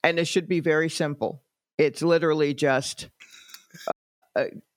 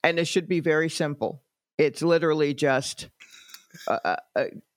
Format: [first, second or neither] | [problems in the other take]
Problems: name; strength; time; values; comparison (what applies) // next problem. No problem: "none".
second | audio cutting out; at 4 s